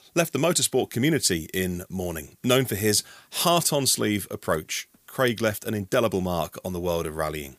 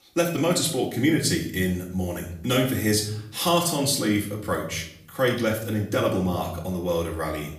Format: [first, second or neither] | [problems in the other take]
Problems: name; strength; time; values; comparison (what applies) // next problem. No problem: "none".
first | off-mic speech; far // room echo; slight; dies away in 0.7 s